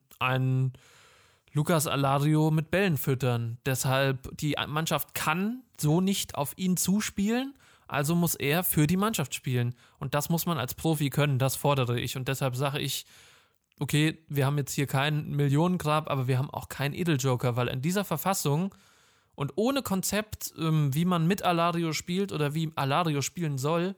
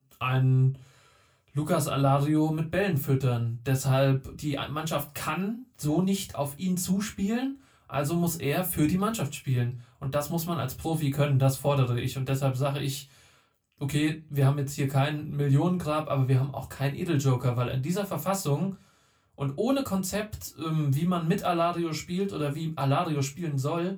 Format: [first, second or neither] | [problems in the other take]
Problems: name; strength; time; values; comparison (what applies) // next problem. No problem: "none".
first | off-mic speech; somewhat distant // room echo; very slight; dies away in 0.2 s